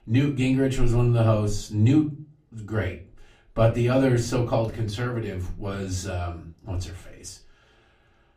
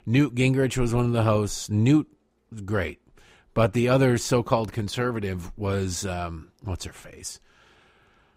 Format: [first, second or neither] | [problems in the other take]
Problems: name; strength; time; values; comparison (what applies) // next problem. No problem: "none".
second | off-mic speech; far // room echo; very slight; dies away in 0.3 s